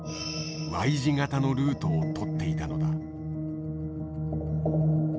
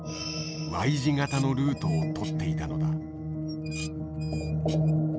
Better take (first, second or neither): first